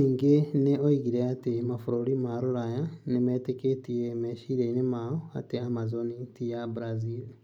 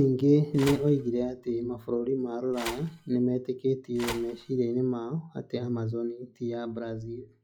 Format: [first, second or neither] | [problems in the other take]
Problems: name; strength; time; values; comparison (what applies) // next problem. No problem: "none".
first | noise reduction (classical method log-MMSE)